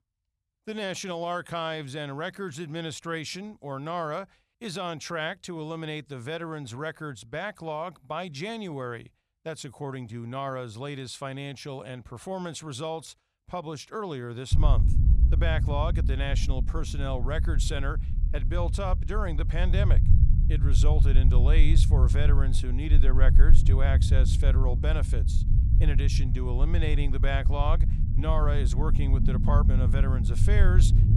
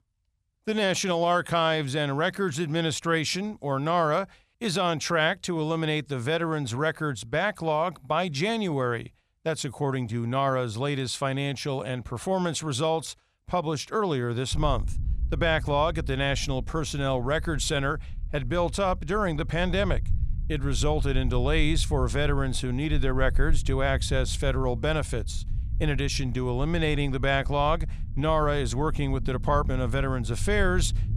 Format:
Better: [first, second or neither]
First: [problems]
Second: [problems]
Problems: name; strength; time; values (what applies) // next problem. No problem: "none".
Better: second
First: low rumble; loud; from 15 s on; 8 dB below the speech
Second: low rumble; faint; from 15 s on; 25 dB below the speech